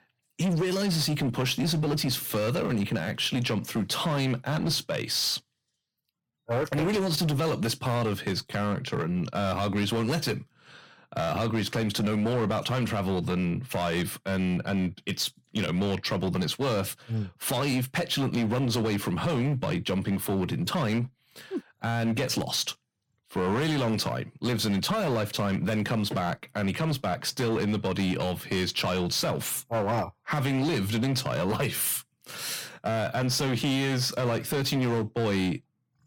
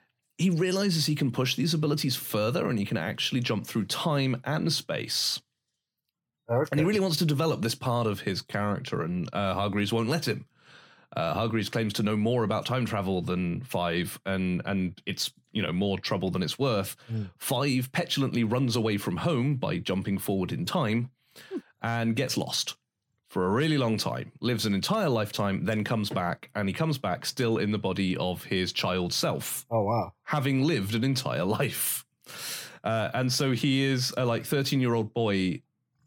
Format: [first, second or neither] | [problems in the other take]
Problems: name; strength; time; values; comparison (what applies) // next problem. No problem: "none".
second | distortion; slight; 16% of the sound clipped